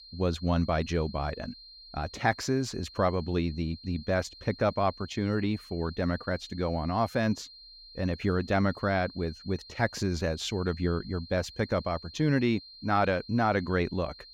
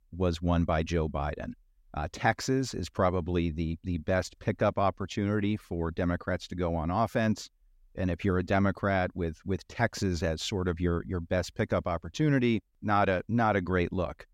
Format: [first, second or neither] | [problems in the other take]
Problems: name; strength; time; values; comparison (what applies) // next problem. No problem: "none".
second | high-pitched whine; noticeable; throughout; 4 kHz, 20 dB below the speech